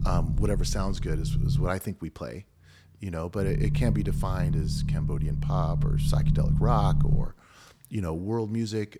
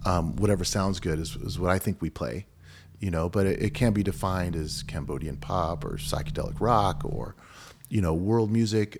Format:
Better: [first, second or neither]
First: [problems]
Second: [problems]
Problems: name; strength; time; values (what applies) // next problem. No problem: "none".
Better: second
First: low rumble; loud; until 1.5 s and from 3.5 to 7 s; 5 dB below the speech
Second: low rumble; faint; until 1.5 s and from 3.5 to 7 s; 20 dB below the speech